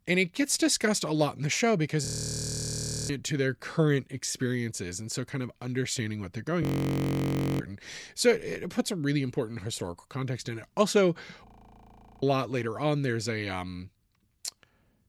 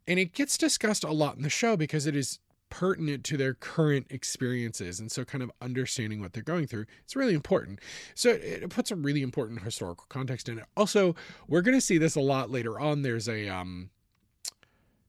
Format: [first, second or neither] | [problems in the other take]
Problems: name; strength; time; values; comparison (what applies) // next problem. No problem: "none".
second | audio freezing; at 2 s for 1 s, at 6.5 s for 1 s and at 11 s for 1 s